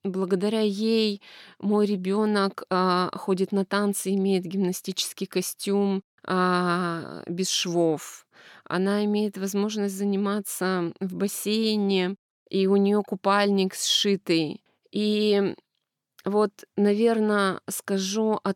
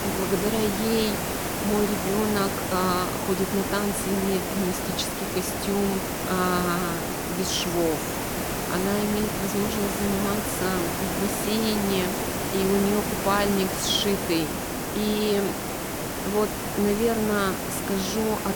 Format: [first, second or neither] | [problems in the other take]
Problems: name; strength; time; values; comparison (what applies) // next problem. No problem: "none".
first | hiss; loud; throughout; 1 dB below the speech